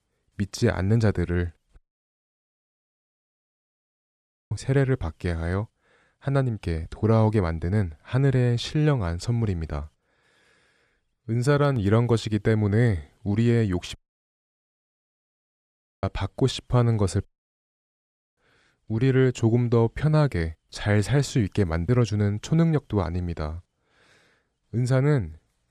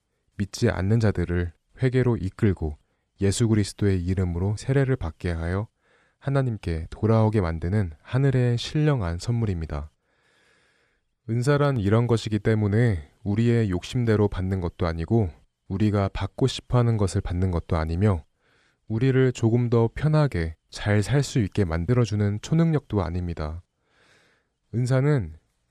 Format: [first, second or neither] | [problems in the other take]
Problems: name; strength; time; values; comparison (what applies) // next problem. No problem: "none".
second | audio cutting out; at 2 s for 2.5 s, at 14 s for 2 s and at 17 s for 1 s